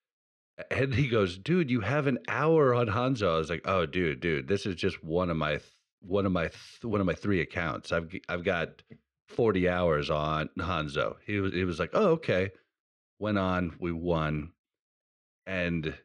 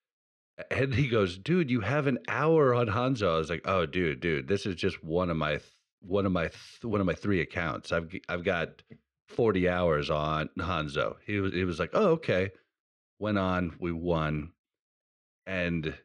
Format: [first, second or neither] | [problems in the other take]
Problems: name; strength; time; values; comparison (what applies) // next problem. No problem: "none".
neither | muffled; slightly; fading above 3.5 kHz; the same in both